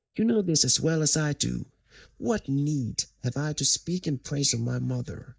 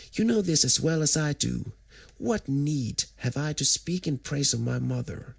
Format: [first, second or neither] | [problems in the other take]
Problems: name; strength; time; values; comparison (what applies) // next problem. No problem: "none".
second | noise reduction (neural mask model DeepFilterNet 3)